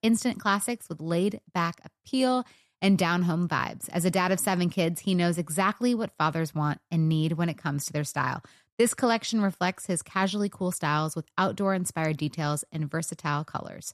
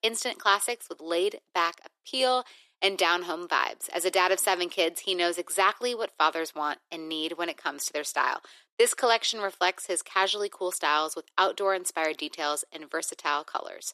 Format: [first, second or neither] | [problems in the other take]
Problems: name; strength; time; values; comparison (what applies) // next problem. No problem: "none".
first | thin; very; fading below 350 Hz